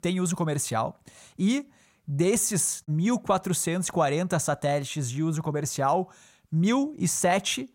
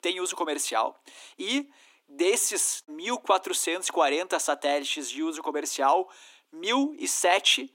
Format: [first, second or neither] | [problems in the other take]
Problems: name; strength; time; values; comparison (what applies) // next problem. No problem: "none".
first | thin; somewhat; fading below 250 Hz